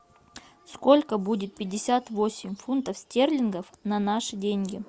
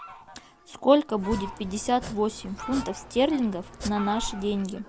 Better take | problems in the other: first | background sound (Fowl + Domestic sounds, home sounds); 12 dB below the speech

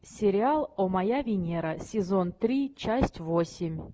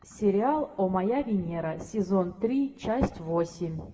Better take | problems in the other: first | room echo; dies away in 1.4 s

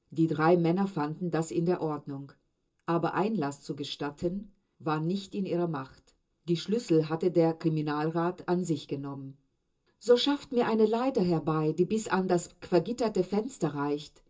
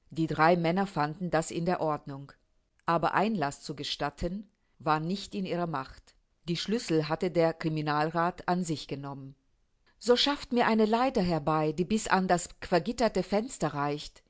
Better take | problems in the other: second | room echo; dies away in 0.2 s

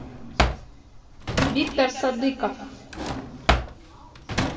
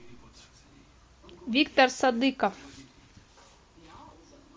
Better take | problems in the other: second | background sound (Drawer open or close); 2 dB above the speech // room echo; dies away in 1.6 s

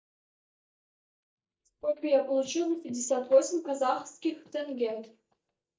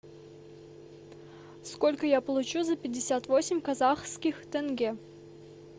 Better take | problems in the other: second | noise reduction (neural mask model DeepFilterNet 3)

